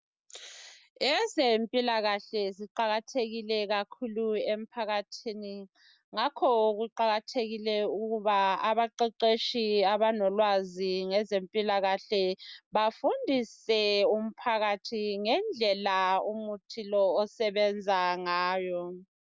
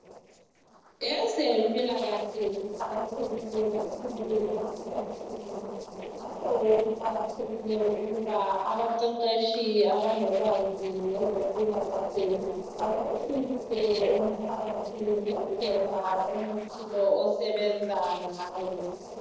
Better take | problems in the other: first | noise reduction (neural separator model SepFormer DNS4)

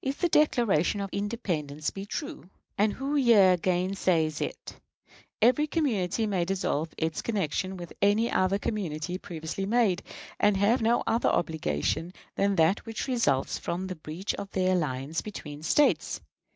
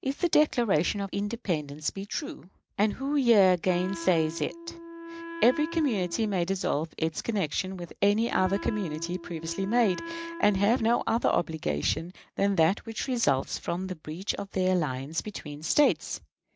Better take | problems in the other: first | background sound (Wind instrument, woodwind instrument); 13 dB below the speech

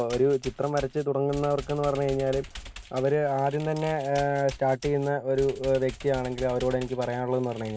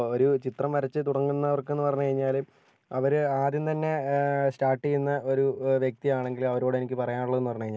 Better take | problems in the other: second | background sound (Computer keyboard); 17 dB below the speech

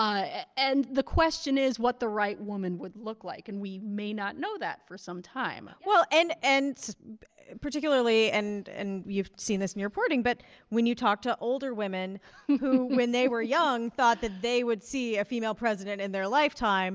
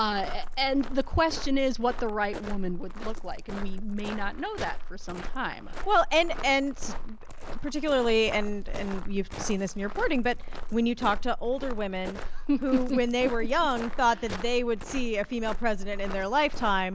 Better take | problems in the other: first | background sound (Walk, footsteps); 3 dB below the speech

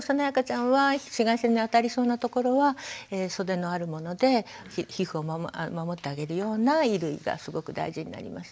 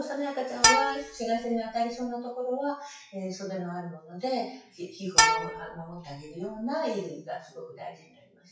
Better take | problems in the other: first | noise reduction (classical method WPE with log-MMSE)

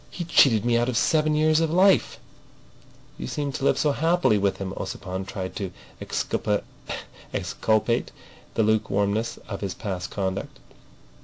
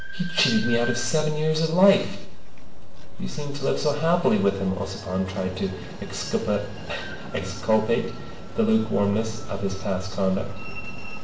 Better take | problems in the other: first | background sound (Train); 15 dB below the speech // room echo; dies away in 0.7 s

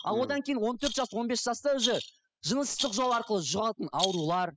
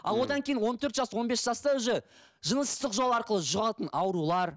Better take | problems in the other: second | noise reduction (classical method spectral subtraction)

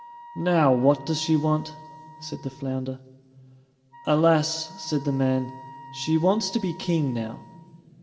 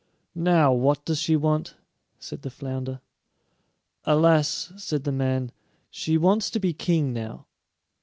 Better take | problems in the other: second | background sound (Wind instrument, woodwind instrument); 19 dB below the speech // room echo; dies away in 2.8 s

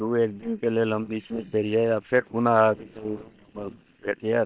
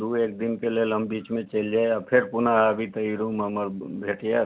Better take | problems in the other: second | noise reduction (neural separator model SepFormer WHAM!)

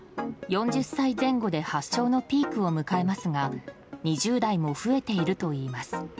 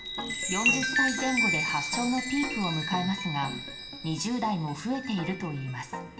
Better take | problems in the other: first | background sound (Chime); 1 dB below the speech // room echo; dies away in 0.8 s

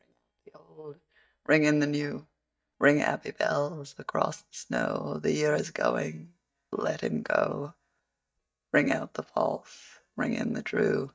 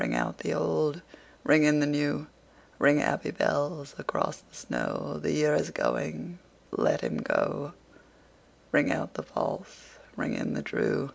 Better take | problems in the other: second | noise reduction (neural mask model DeepFilterNet 3)

